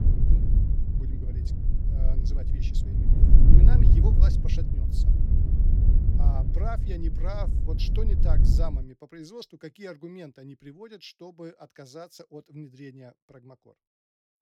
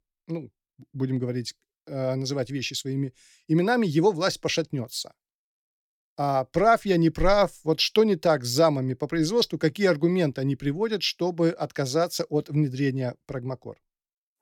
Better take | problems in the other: second | wind noise on the microphone; heavy; until 8.5 s; 1 dB above the speech

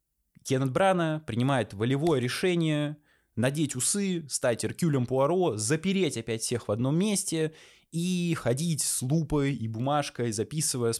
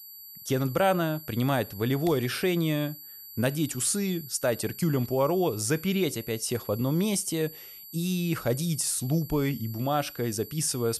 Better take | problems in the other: first | high-pitched whine; noticeable; throughout; 12 kHz, 15 dB below the speech

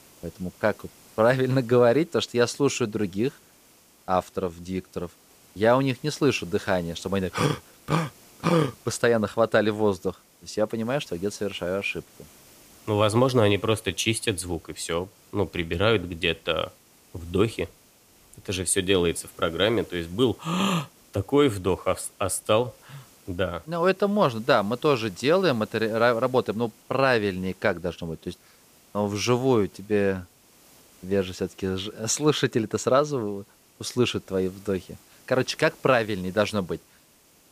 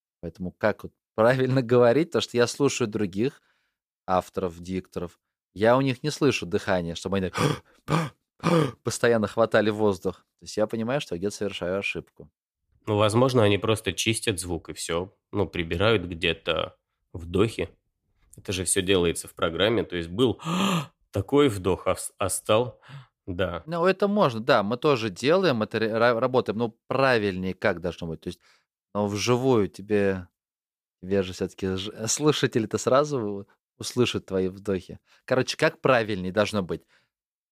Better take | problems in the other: second | hiss; faint; throughout; 25 dB below the speech

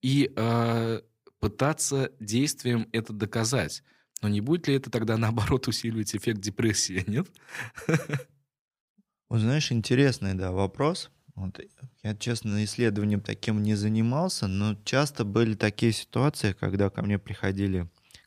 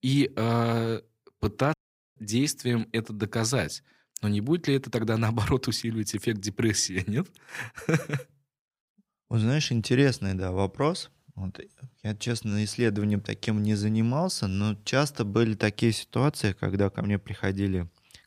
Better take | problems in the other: first | audio cutting out; at 1.5 s

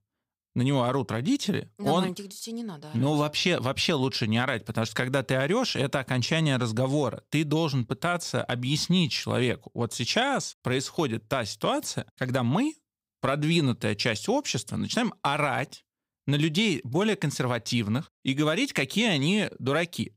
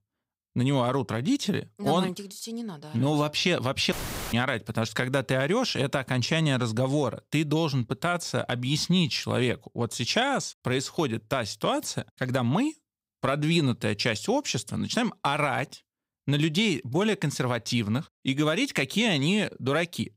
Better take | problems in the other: first | audio cutting out; filled with static; at 4 s

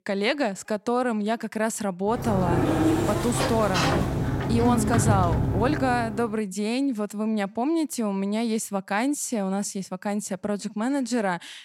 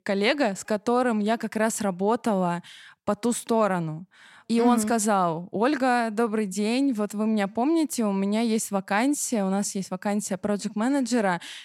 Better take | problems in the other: second | door banging; loud; from 2 to 6 s; peak 4 dB above the speech

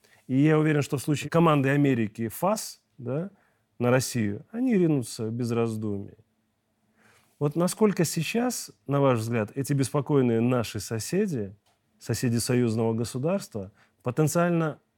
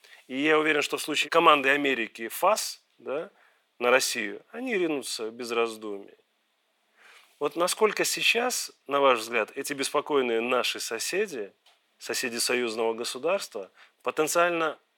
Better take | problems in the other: first | thin; very; fading below 400 Hz

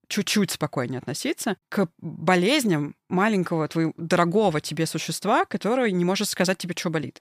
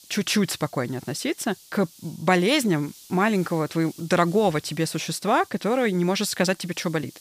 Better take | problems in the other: first | hiss; faint; throughout; 25 dB below the speech

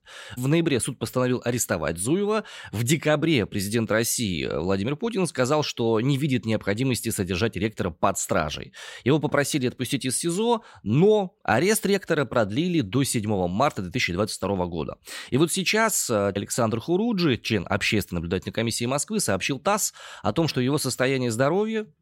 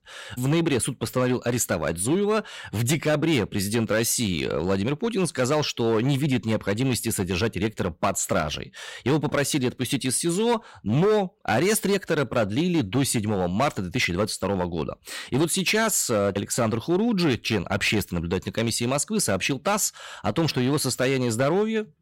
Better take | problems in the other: first | distortion; slight; 8% of the sound clipped

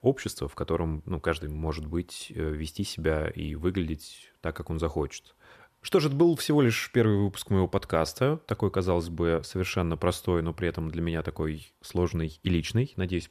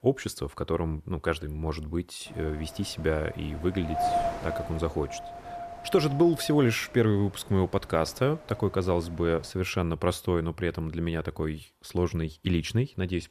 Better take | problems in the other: first | wind noise on the microphone; heavy; from 2.5 to 9.5 s; 3 dB below the speech

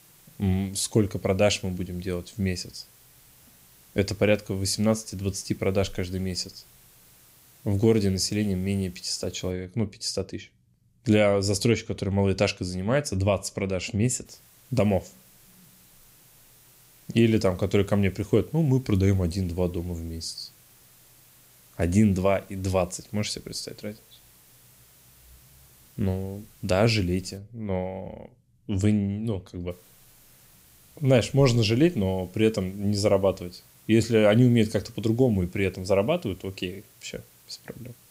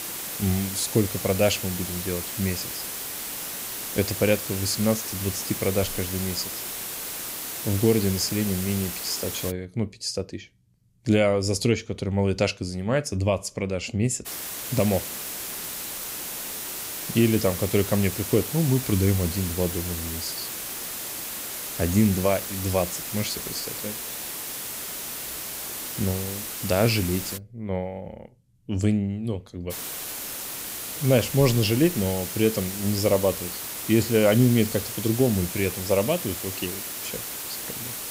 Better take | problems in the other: first | hiss; loud; until 9.5 s, from 14 to 27 s and from 30 s on; 5 dB below the speech; faint in the first

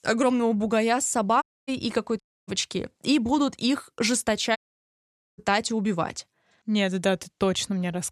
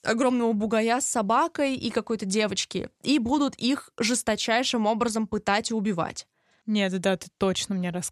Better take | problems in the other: second | audio cutting out; at 1.5 s, at 2 s and at 4.5 s for 1 s

